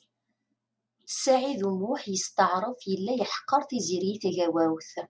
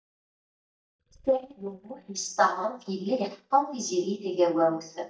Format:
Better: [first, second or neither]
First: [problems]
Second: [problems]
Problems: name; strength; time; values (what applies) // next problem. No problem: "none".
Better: first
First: none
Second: noise reduction (neural mask model DeepFilterNet 3)